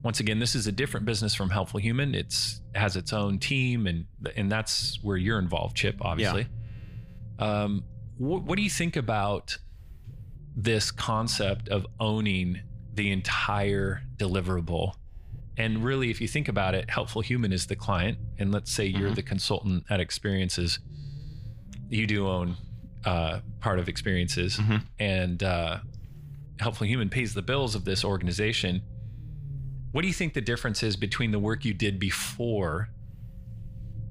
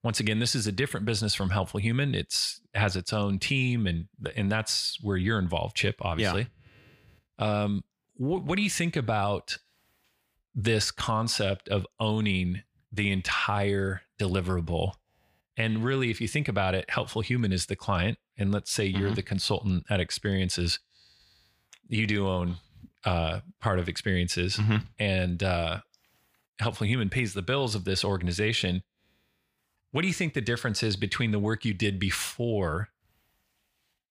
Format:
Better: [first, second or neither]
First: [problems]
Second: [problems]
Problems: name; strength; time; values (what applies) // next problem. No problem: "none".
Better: second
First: low rumble; faint; throughout; 25 dB below the speech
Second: none